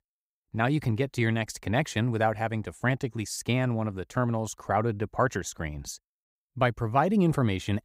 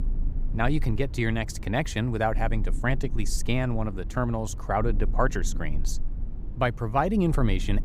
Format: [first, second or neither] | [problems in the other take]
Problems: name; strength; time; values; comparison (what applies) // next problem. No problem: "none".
first | low rumble; faint; throughout; 20 dB below the speech